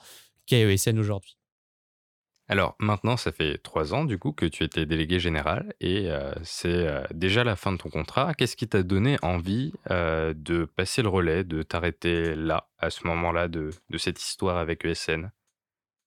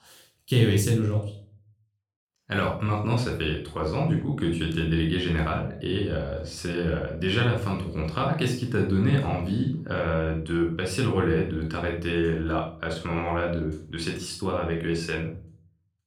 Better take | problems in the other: first | off-mic speech; somewhat distant // room echo; noticeable; dies away in 0.4 s

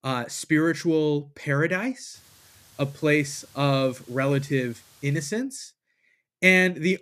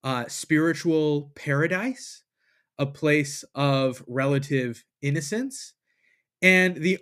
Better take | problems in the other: second | hiss; faint; from 2 to 5.5 s; 30 dB below the speech

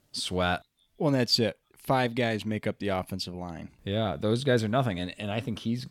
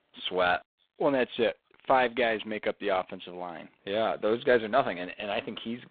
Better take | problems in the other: first | phone-call audio; poor line; nothing above 3.5 kHz

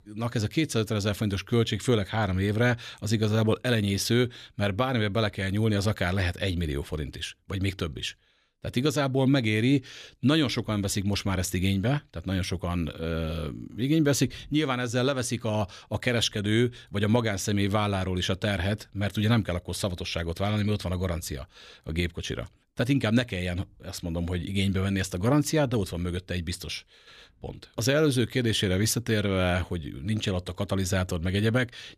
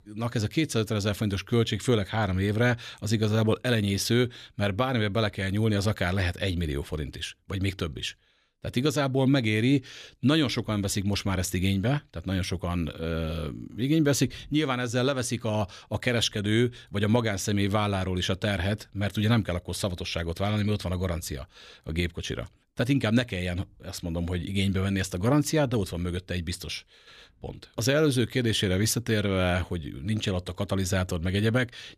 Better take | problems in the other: neither | none

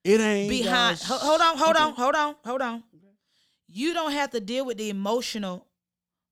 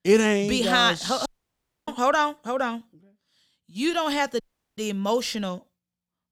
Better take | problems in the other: first | audio cutting out; at 1.5 s for 0.5 s and at 4.5 s

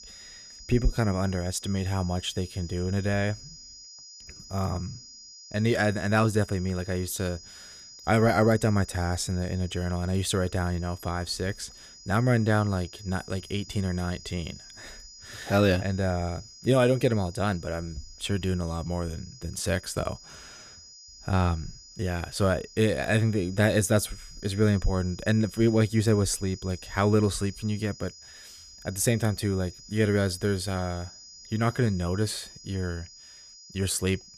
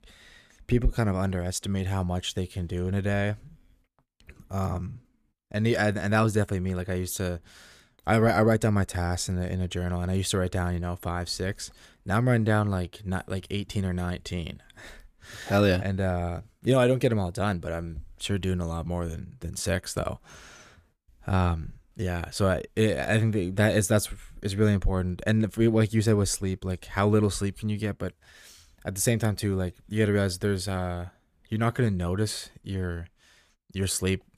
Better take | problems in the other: second | high-pitched whine; noticeable; throughout; 5 kHz, 20 dB below the speech

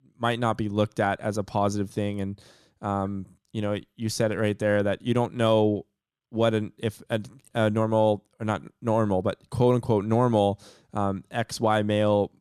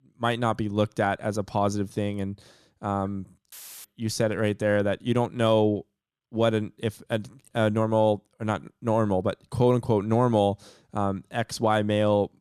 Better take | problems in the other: first | audio cutting out; filled with static; at 3.5 s

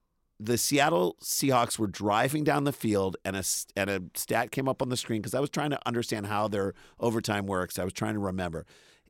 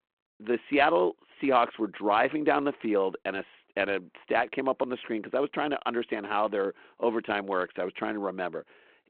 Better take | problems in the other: first | phone-call audio

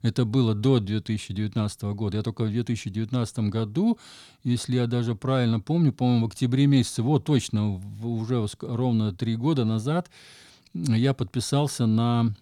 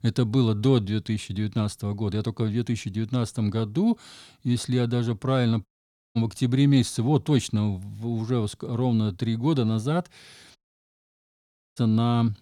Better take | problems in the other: first | audio cutting out; at 5.5 s and at 11 s for 1 s

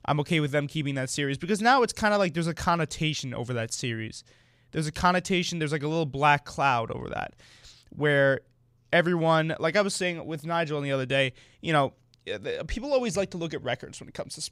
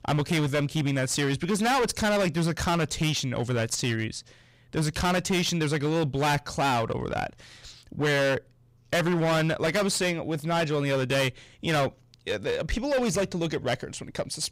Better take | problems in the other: first | distortion; heavy; 18% of the sound clipped

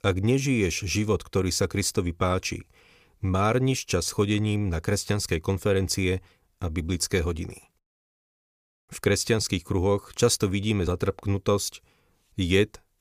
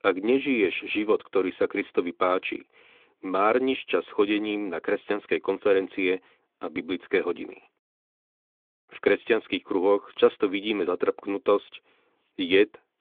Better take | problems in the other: first | phone-call audio; nothing above 3.5 kHz

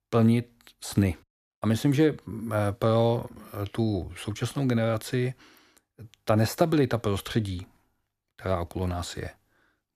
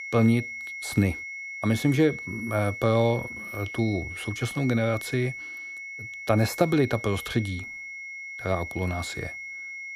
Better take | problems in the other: first | high-pitched whine; loud; throughout; 2 kHz, 9 dB below the speech

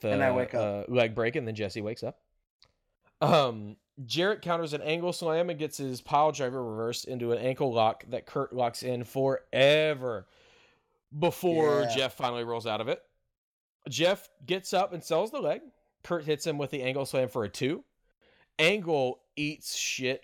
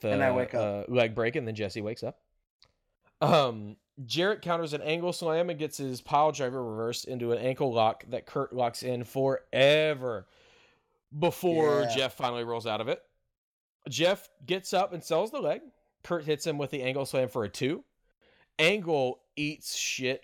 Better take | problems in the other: neither | none

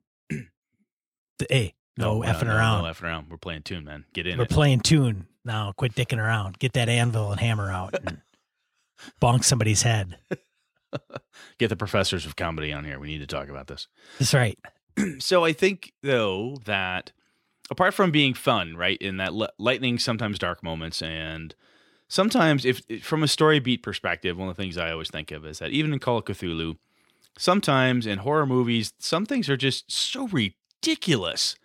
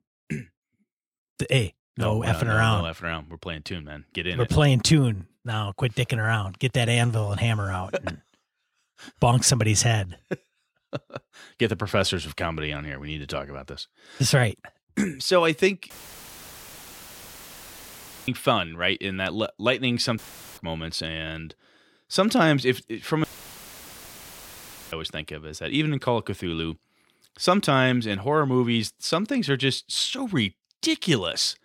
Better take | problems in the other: first | audio cutting out; filled with static; at 16 s for 2.5 s, at 20 s and at 23 s for 1.5 s

